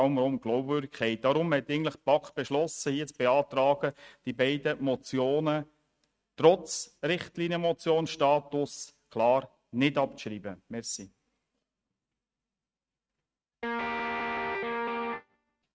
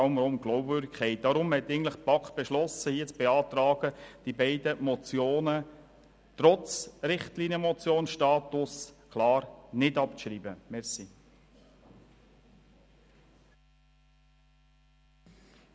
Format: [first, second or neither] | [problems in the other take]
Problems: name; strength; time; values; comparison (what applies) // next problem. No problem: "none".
second | noise reduction (neural mask model RNNoise)